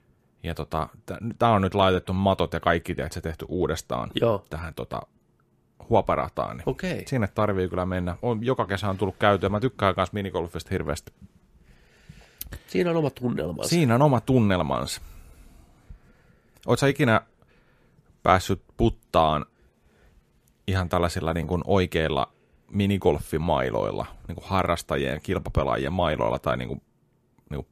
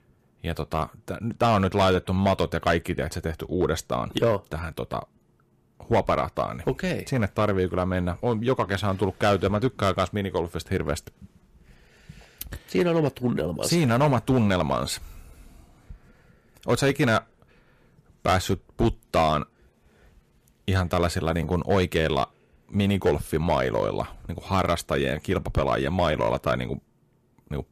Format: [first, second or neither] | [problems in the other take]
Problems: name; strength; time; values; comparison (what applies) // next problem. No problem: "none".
first | distortion; slight; 4% of the sound clipped